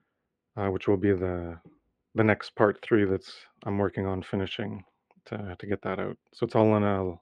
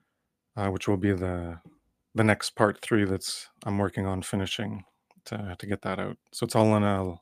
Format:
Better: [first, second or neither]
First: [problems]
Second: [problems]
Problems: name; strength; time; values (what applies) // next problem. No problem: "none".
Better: second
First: muffled; slightly; fading above 2.5 kHz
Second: none